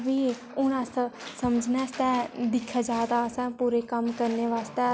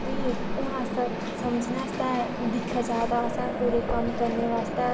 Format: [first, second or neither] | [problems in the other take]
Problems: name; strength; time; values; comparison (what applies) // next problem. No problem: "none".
first | background sound (Mechanisms); 2 dB below the speech // room echo; dies away in 2.9 s